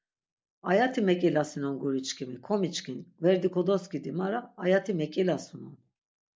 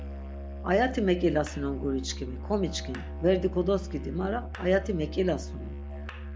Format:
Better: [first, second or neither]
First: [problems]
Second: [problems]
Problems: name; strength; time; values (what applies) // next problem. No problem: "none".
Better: first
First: none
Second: background sound (Musical instrument); 8 dB below the speech